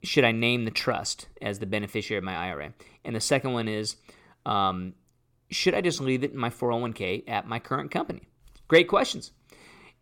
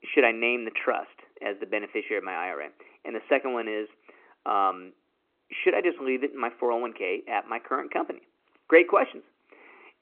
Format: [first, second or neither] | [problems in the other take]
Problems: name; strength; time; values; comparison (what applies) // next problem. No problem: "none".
first | phone-call audio